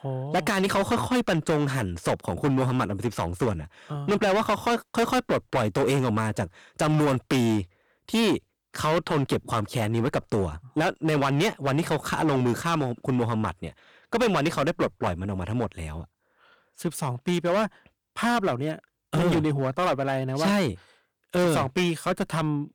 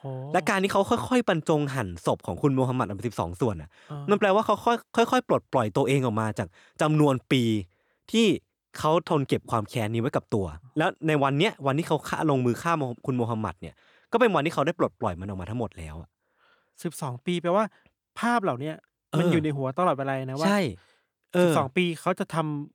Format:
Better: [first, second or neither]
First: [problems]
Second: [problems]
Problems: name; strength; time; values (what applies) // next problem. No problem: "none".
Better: second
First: distortion; heavy; 12% of the sound clipped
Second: none